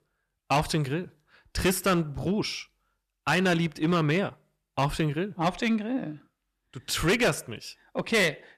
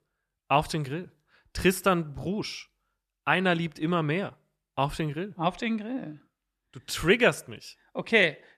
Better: second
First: distortion; heavy; 6% of the sound clipped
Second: none

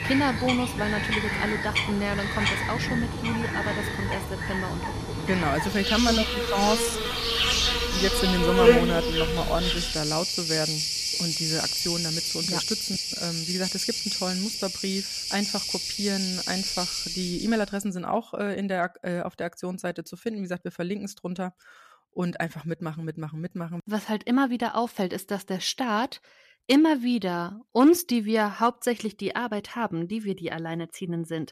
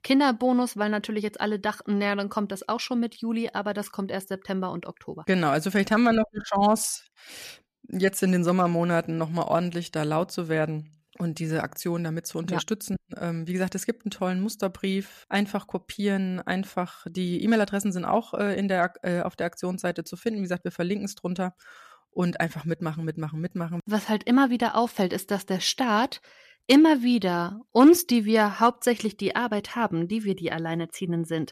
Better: second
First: animal sounds; very loud; until 17 s; 2 dB above the speech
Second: none

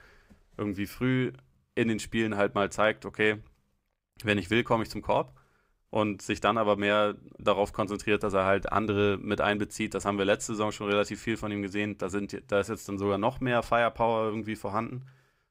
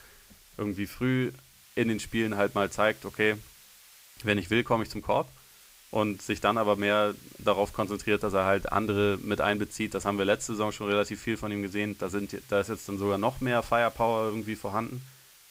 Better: first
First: none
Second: hiss; faint; throughout; 25 dB below the speech

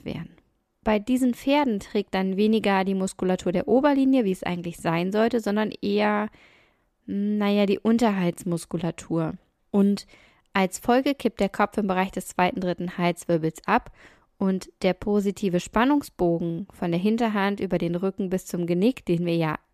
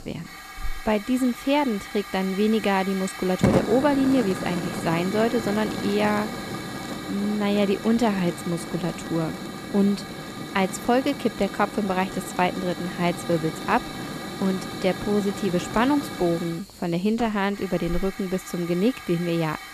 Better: first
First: none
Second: hiss; loud; throughout; 8 dB below the speech

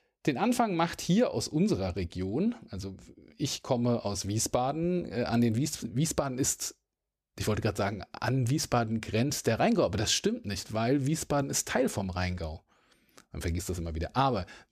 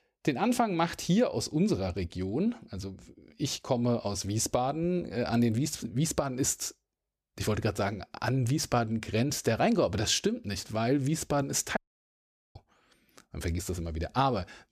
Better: first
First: none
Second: audio cutting out; at 12 s for 1 s

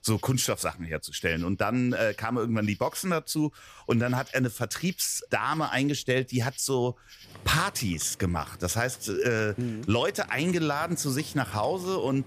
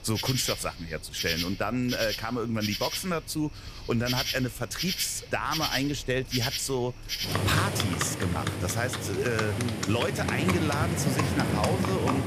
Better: first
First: animal sounds; faint; throughout; 20 dB below the speech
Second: animal sounds; loud; throughout; as loud as the speech

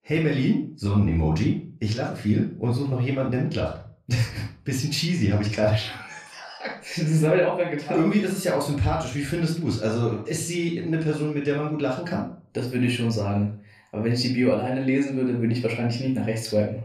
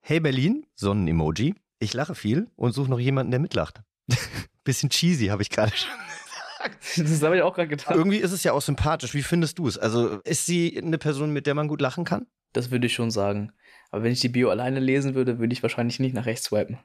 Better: second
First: off-mic speech; somewhat distant // room echo; slight; dies away in 0.4 s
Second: none

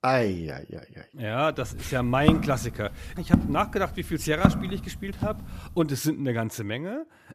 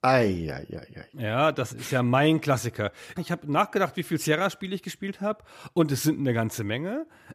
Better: second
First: footsteps; loud; from 2.5 to 5.5 s; peak 4 dB above the speech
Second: none

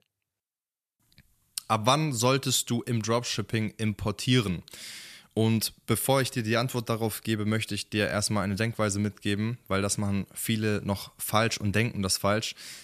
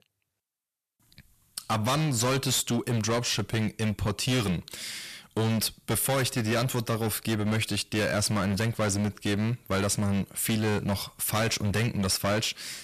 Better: first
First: none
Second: distortion; heavy; 19% of the sound clipped

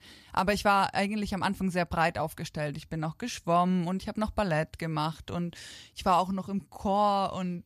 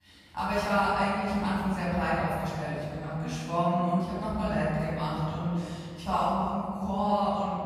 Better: first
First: none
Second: off-mic speech; far // room echo; strong; dies away in 2.5 s

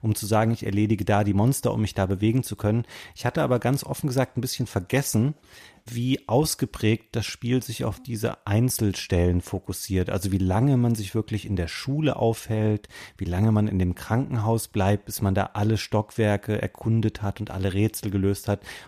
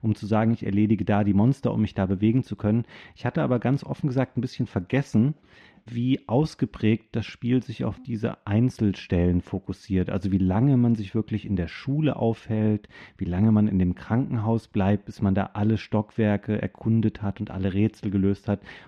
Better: first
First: none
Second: muffled; slightly; fading above 3 kHz

